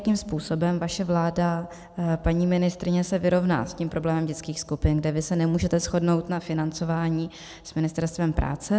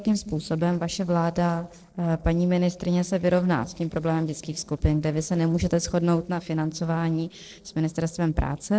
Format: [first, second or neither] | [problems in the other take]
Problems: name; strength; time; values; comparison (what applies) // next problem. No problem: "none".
first | noise reduction (neural separator model SepFormer DNS4)